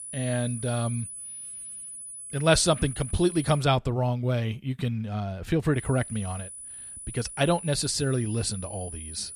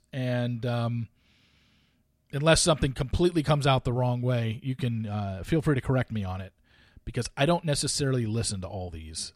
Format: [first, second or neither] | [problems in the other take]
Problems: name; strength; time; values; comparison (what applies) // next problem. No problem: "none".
second | high-pitched whine; noticeable; until 3.5 s and from 6 s on; 10 kHz, 10 dB below the speech